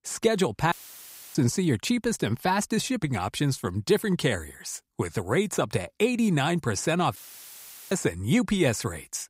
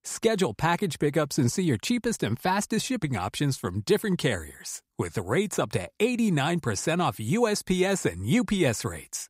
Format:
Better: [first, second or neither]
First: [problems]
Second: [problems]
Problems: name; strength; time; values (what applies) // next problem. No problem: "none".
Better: second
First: audio cutting out; filled with static; at 0.5 s for 0.5 s and at 7 s for 1 s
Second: none